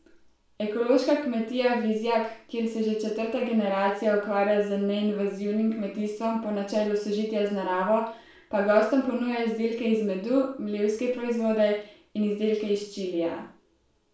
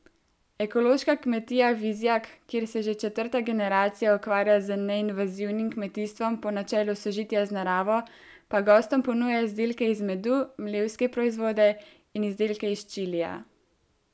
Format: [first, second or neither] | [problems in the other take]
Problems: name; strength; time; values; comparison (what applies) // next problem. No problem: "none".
second | room echo; dies away in 0.4 s